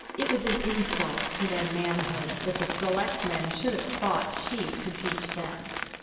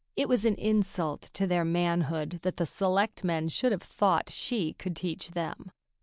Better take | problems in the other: second | background sound (Coin (dropping)); 3 dB below the speech // room echo; dies away in 1.1 s

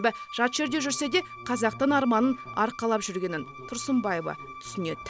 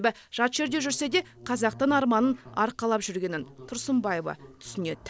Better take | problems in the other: second | background sound (Bowed string instrument); 15 dB below the speech

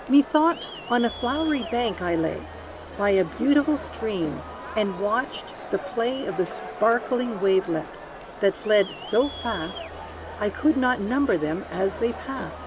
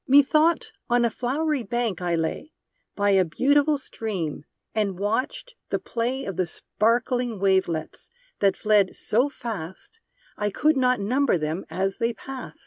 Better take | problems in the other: second | background sound (Crowd); 12 dB below the speech

